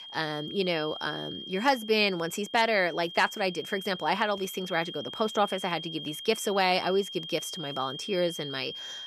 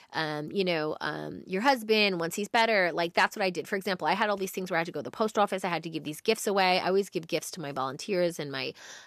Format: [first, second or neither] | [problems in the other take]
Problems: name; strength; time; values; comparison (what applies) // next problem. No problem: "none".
second | high-pitched whine; loud; throughout; 3 kHz, 10 dB below the speech